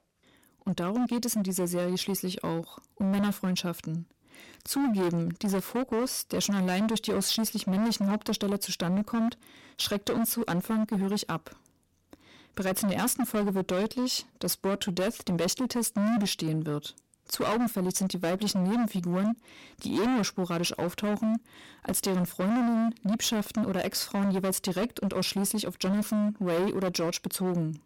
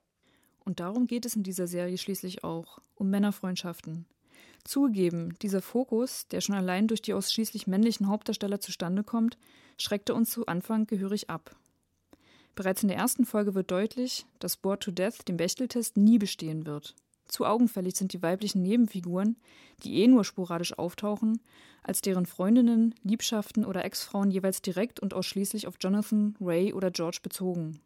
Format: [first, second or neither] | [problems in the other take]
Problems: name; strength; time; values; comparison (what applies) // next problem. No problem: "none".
second | distortion; heavy; 21% of the sound clipped